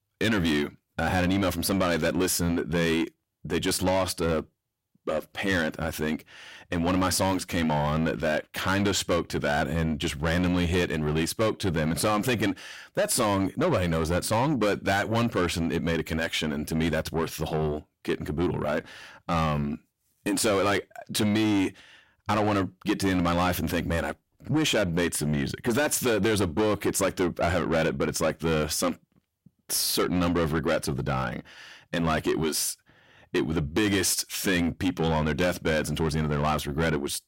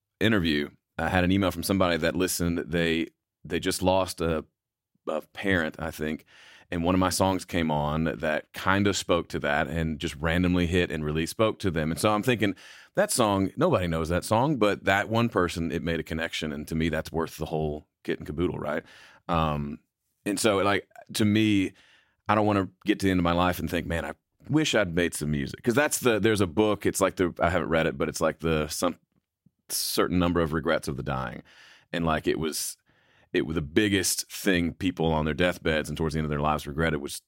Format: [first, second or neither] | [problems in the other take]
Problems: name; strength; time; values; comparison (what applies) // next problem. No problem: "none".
second | distortion; heavy; 8 dB below the speech